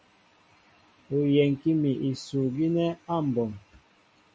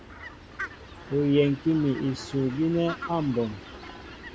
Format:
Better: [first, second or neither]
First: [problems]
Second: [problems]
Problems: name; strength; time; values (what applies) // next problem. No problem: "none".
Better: first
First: none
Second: background sound (Fowl); 13 dB below the speech